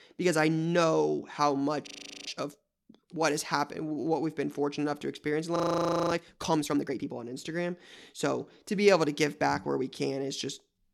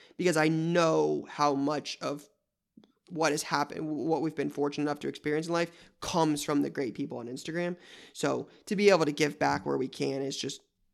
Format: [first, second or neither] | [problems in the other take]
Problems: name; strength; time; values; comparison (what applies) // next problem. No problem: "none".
second | audio freezing; at 2 s and at 5.5 s for 0.5 s